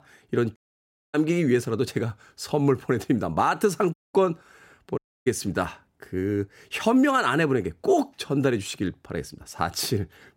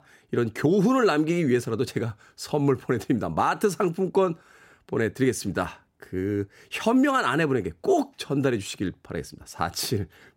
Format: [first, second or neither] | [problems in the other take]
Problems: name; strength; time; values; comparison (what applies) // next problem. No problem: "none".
second | audio cutting out; at 0.5 s for 0.5 s, at 4 s and at 5 s